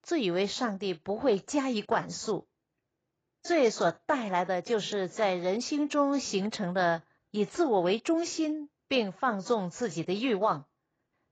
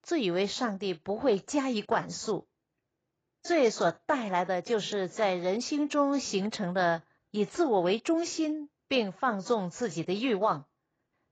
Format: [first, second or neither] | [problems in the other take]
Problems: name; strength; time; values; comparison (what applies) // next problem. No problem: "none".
neither | garbled, watery; badly; nothing above 7.5 kHz; the same in both